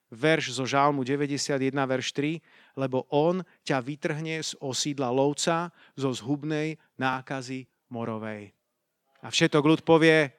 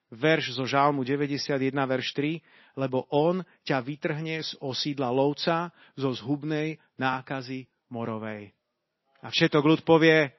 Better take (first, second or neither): first